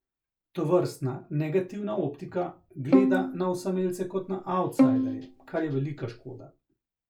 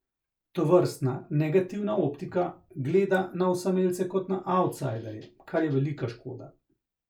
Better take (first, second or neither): second